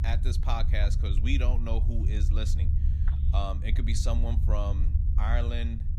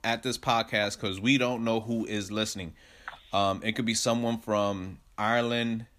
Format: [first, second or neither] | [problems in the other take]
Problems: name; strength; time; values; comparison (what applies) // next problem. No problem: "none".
second | low rumble; loud; throughout; 9 dB below the speech